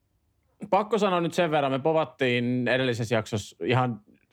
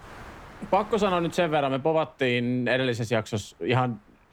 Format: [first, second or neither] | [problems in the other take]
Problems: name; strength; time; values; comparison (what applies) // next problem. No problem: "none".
first | wind noise on the microphone; occasional gusts; 20 dB below the speech